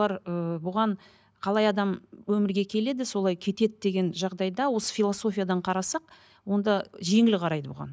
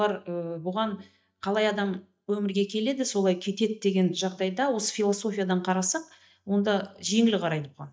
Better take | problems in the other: first | noise reduction (neural mask model DeepFilterNet 3)

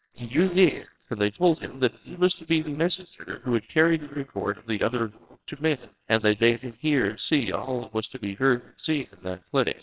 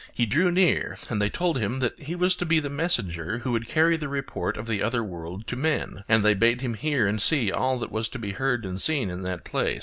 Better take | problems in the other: second | noise reduction (neural separator model SepFormer WHAMR!)

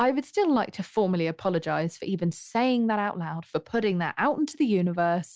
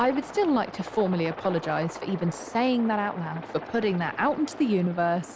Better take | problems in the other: first | background sound (Aircraft); 13 dB below the speech

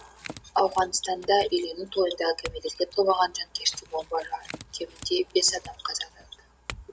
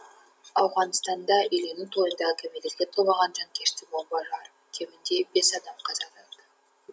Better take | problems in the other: second | background sound (Chink, clink / Domestic sounds, home sounds); 18 dB below the speech

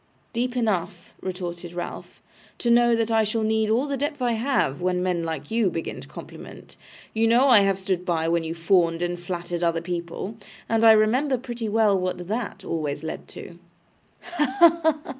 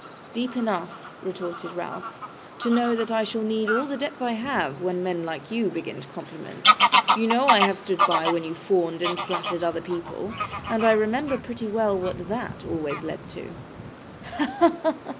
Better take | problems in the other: first | background sound (Bird vocalization, bird call, bird song / Fowl); 3 dB below the speech

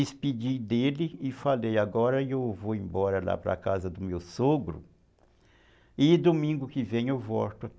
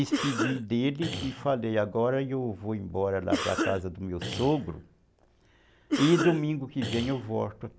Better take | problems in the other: first | background sound (Cough); 5 dB below the speech

